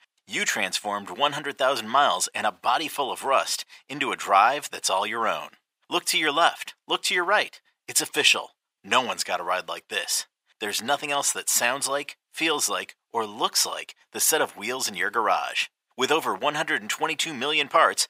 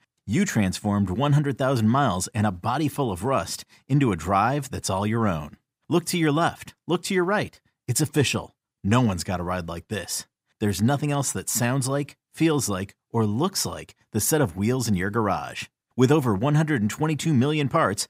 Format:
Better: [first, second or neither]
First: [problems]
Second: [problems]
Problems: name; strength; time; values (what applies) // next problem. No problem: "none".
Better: second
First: thin; very; fading below 700 Hz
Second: none